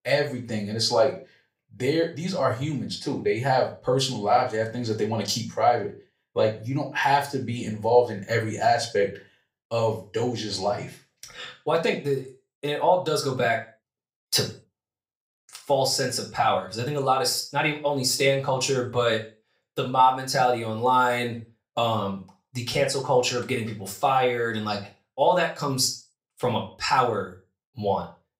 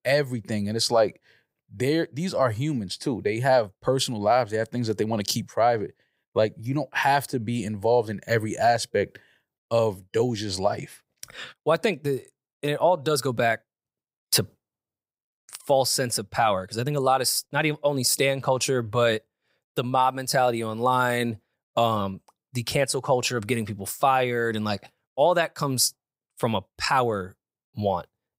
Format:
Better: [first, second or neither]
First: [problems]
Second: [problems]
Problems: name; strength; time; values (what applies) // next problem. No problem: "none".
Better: second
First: room echo; slight; dies away in 0.3 s // off-mic speech; far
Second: none